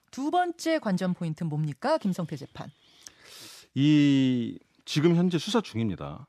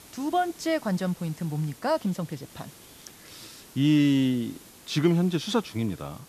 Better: first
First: none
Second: hiss; faint; throughout; 20 dB below the speech

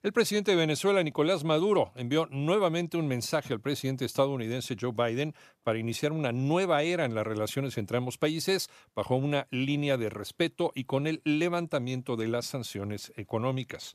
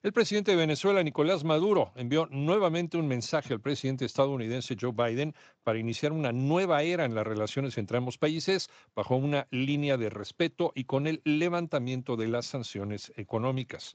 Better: first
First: none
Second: garbled, watery; slightly; nothing above 7.5 kHz

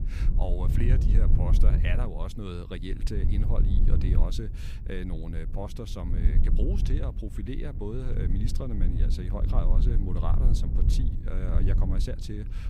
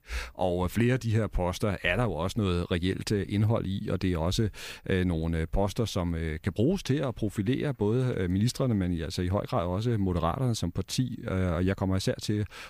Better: second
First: low rumble; loud; throughout; 4 dB below the speech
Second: none

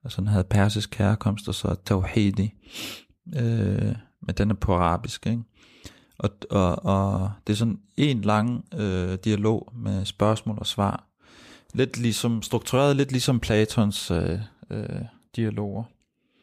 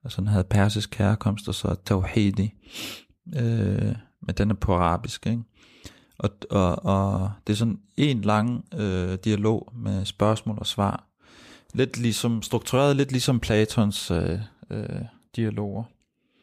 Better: neither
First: none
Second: none

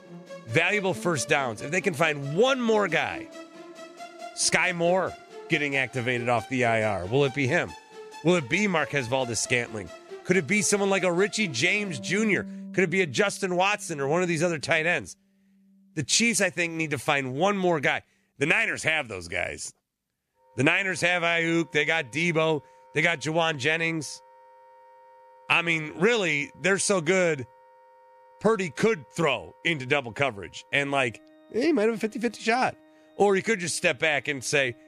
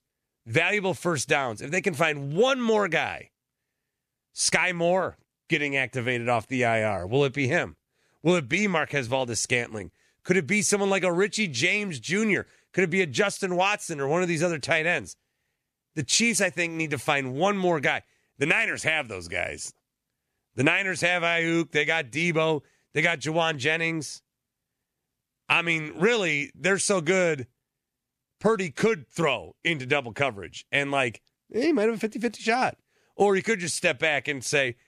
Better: second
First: background music; faint; throughout; 20 dB below the speech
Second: none

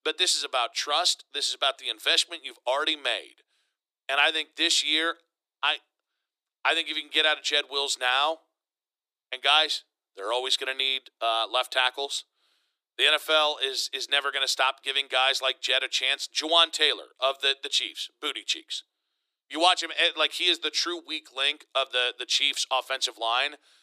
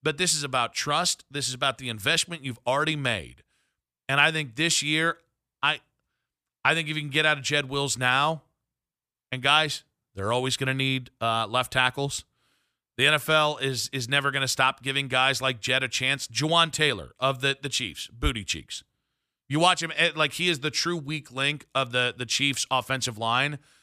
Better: second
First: thin; very; fading below 300 Hz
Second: none

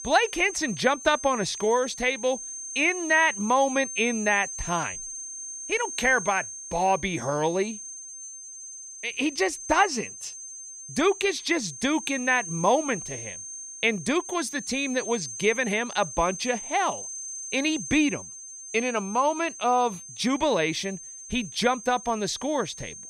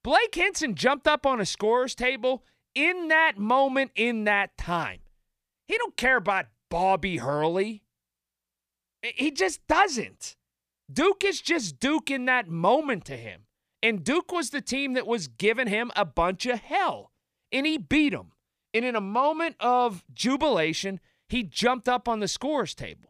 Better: second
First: high-pitched whine; loud; throughout; 6.5 kHz, 10 dB below the speech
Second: none

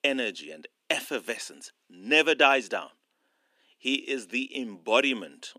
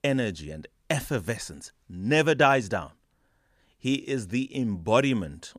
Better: second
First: thin; very slightly; fading below 250 Hz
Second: none

